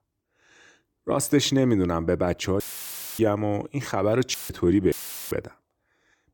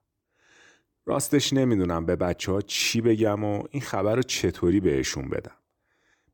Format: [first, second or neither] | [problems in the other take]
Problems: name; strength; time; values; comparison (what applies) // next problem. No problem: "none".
second | audio cutting out; filled with static; at 2.5 s for 0.5 s, at 4.5 s and at 5 s